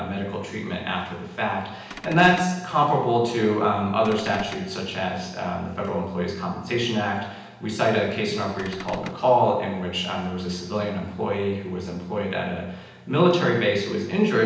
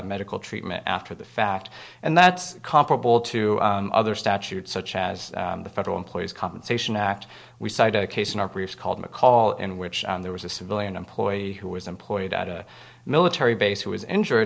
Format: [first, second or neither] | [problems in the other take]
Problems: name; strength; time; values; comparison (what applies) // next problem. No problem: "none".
second | background sound (Cupboard open or close / Door); 13 dB below the speech // room echo; dies away in 0.9 s